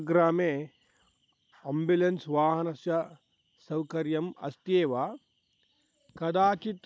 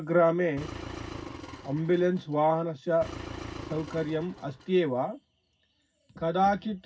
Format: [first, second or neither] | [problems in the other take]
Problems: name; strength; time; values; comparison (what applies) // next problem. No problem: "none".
first | background sound (Engine); 13 dB below the speech // room echo; dies away in 0.4 s